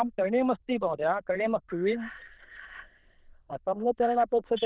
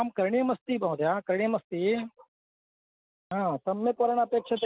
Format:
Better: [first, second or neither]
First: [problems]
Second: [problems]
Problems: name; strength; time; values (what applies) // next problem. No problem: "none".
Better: second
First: noise reduction (neural diffusion model UNIVERSE++)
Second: none